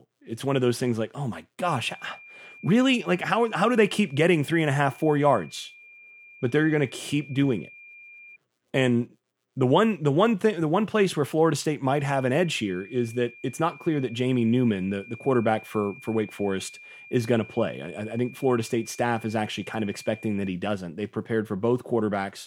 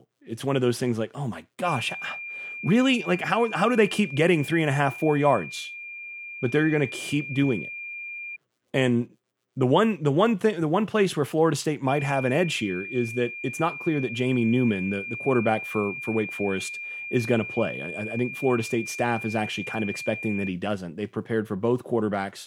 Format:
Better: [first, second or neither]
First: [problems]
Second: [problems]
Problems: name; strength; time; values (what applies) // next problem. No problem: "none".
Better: first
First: high-pitched whine; faint; from 1.5 to 8.5 s and from 12 to 20 s; 2.5 kHz, 20 dB below the speech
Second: high-pitched whine; loud; from 1.5 to 8.5 s and from 12 to 20 s; 2.5 kHz, 9 dB below the speech